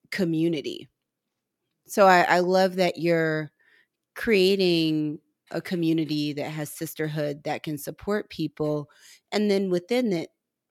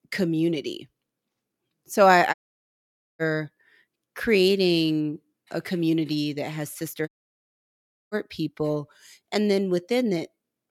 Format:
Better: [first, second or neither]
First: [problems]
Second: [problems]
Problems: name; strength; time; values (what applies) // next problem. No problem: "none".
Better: first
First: none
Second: audio cutting out; at 2.5 s for 1 s and at 7 s for 1 s